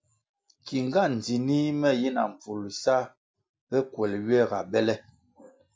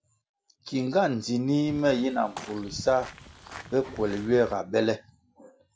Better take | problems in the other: first | background sound (Walk, footsteps / Bird vocalization, bird call, bird song); 15 dB below the speech

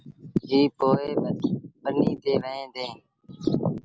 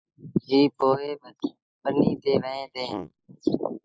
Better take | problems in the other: first | noise reduction (neural mask model Resemble Enhance denoiser)

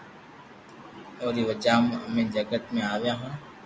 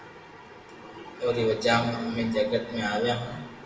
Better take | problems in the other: first | room echo; dies away in 0.9 s

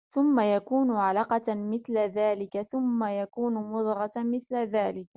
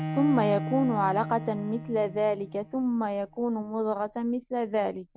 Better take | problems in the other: first | background sound (Bowed string instrument); 9 dB below the speech

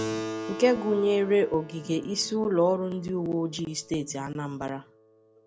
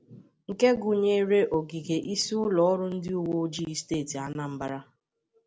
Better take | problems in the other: second | background sound (Keyboard (musical)); 12 dB below the speech

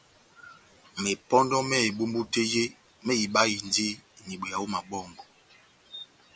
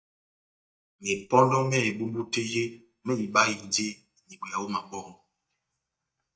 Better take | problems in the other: first | noise reduction (neural mask model DeepFilterNet 3)

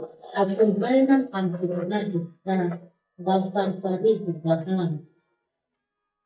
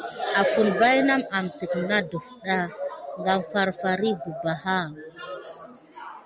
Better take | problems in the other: second | noise reduction (neural mask model DeepFilterNet 3)

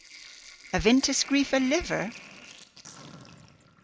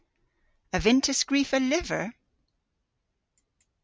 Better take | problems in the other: second | background sound (Sink (filling or washing)); 18 dB below the speech

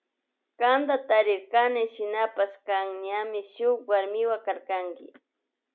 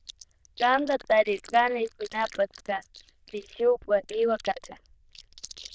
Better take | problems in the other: first | noise reduction (neural diffusion model UNIVERSE++)

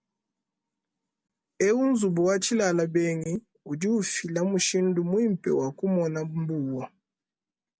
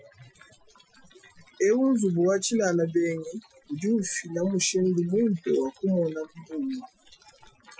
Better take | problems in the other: first | noise reduction (classical method Wiener filter)

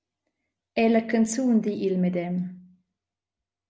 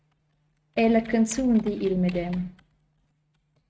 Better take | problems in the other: first | noise reduction (neural mask model RNNoise)

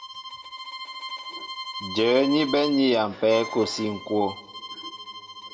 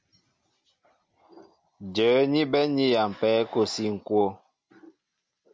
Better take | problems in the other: second | background sound (Bowed string instrument); 11 dB below the speech // room echo; dies away in 0.8 s

